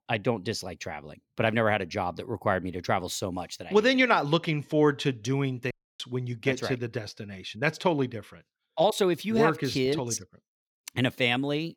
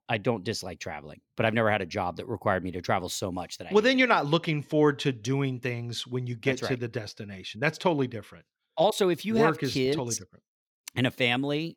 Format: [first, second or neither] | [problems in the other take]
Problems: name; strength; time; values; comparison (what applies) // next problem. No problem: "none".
second | audio cutting out; at 5.5 s